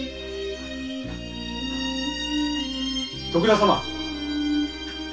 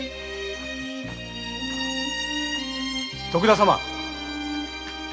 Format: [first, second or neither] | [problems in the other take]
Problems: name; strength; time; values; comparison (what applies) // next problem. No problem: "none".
second | room echo; dies away in 0.2 s